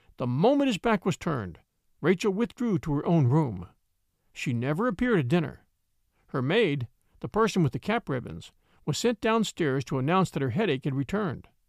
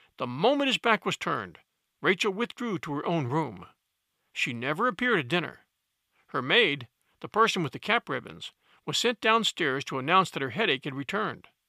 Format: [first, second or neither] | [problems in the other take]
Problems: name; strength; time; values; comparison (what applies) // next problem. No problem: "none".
first | thin; somewhat; fading below 400 Hz